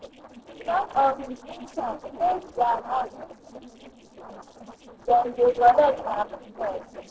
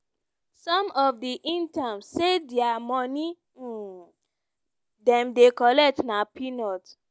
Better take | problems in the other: second | noise reduction (neural separator model SepFormer DNS4)

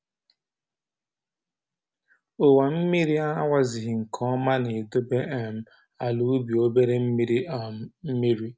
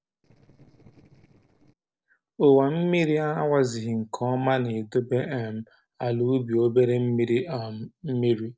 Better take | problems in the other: first | noise reduction (neural separator model SepFormer DNS4)

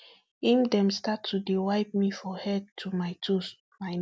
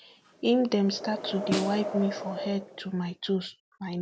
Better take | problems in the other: first | background sound (Wind + Snare drum); 8 dB below the speech

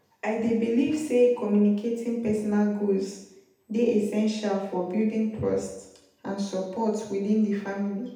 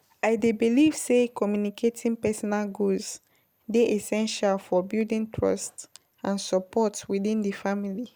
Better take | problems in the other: second | room echo; dies away in 0.8 s

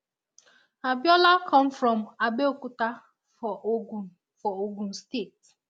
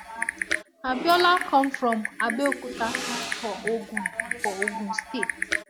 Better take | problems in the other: first | background sound (Typing); 4 dB below the speech

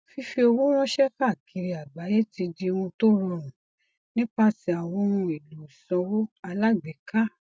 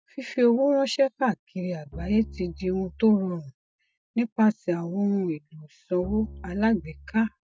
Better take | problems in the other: first | noise reduction (classical method Wiener filter)

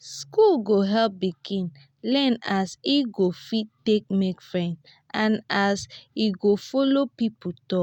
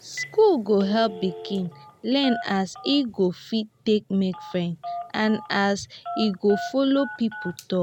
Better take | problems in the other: first | background sound (Telephone); 14 dB below the speech

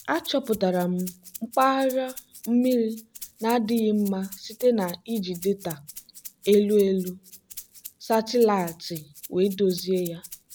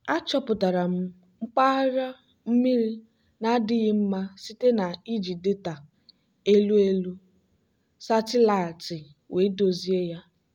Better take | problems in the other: second | background sound (Rattle (instrument)); 19 dB below the speech

